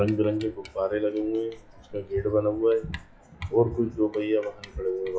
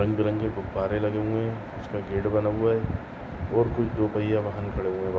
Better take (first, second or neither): second